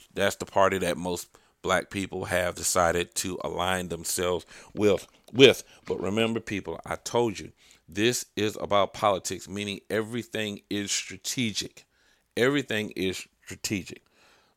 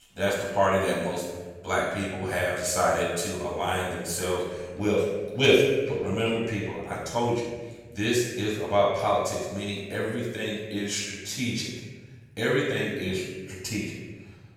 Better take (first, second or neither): first